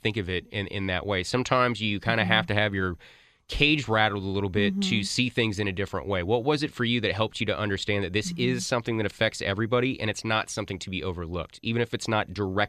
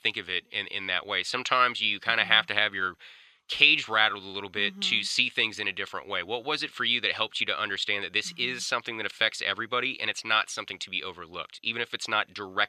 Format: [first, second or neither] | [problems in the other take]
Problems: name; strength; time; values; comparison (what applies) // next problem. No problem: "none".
first | thin; somewhat; fading below 750 Hz